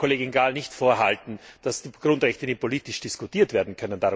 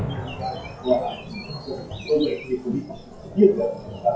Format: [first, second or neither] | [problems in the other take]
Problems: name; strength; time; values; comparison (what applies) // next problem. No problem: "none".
first | noise reduction (classical method WPE with log-MMSE)